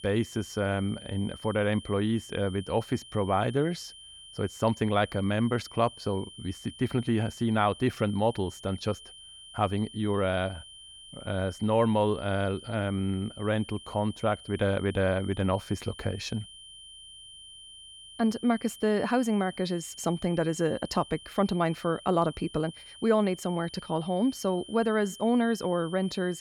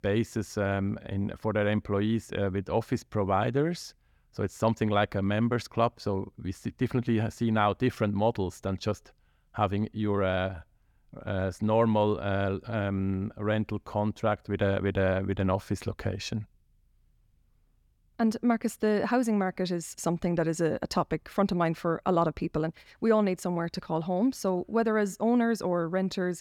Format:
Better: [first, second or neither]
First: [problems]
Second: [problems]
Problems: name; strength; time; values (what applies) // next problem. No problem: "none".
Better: second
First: high-pitched whine; noticeable; throughout; 3 kHz, 15 dB below the speech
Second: none